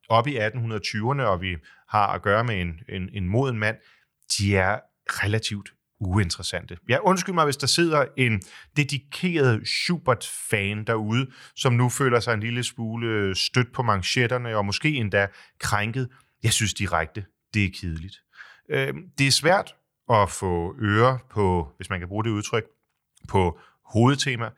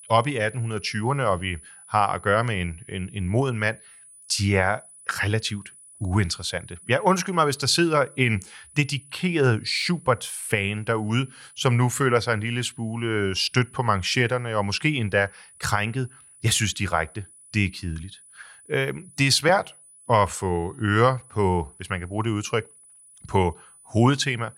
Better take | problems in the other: first | high-pitched whine; faint; throughout; 10 kHz, 25 dB below the speech

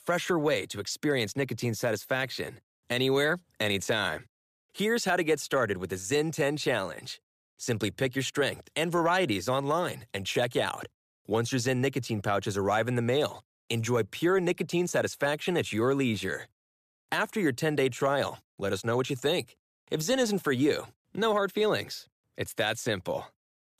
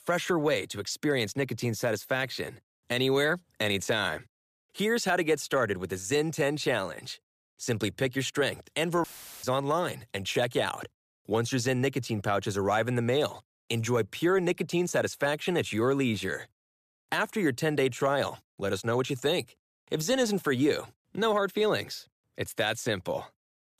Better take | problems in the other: first | audio cutting out; filled with static; at 9 s

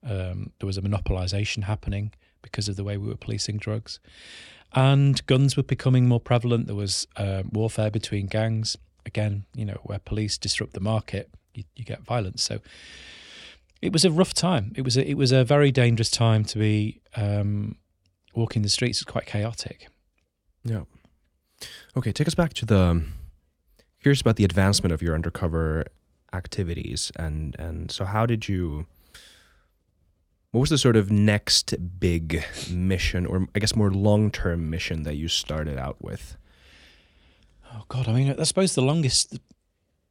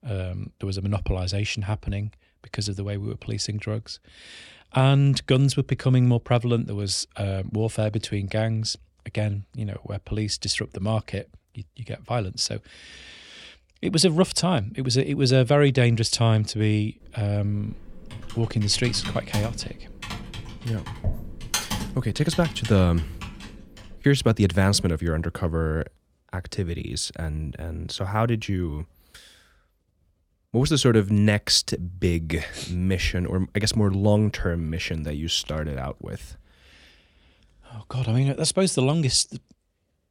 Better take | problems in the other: first | keyboard typing; noticeable; from 18 to 24 s; peak 2 dB below the speech

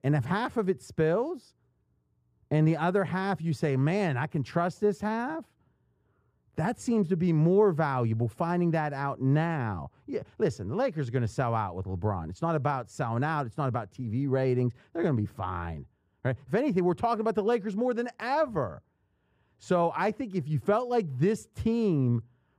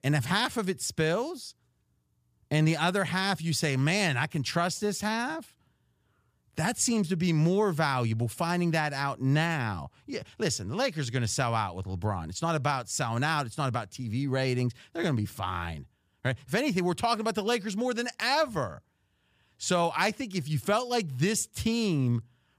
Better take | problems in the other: second | muffled; very; fading above 2 kHz

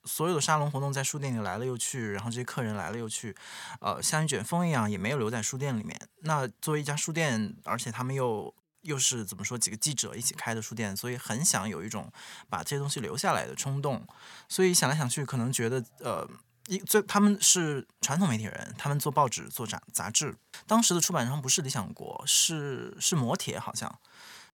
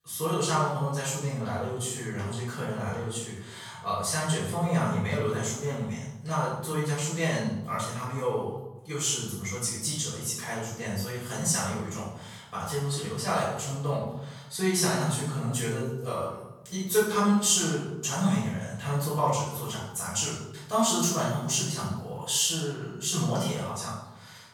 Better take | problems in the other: first | room echo; noticeable; dies away in 0.8 s // off-mic speech; far

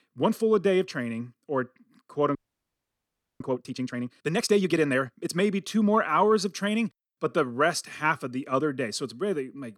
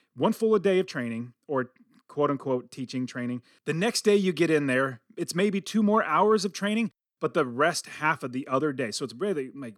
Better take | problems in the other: second | audio freezing; at 2.5 s for 1 s

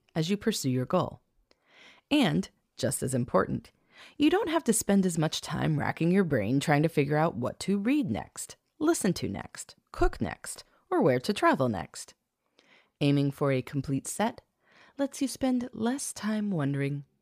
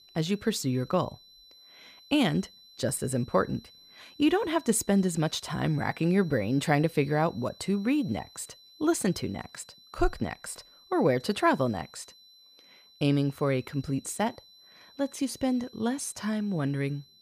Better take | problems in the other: first | high-pitched whine; faint; throughout; 4 kHz, 25 dB below the speech

